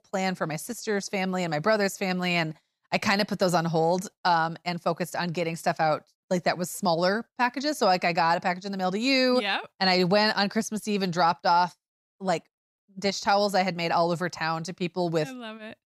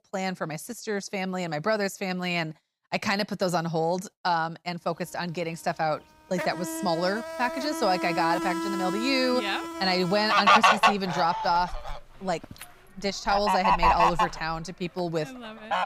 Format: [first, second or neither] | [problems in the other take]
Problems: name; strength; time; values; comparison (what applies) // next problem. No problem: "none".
first | animal sounds; very loud; from 5 s on; 2 dB above the speech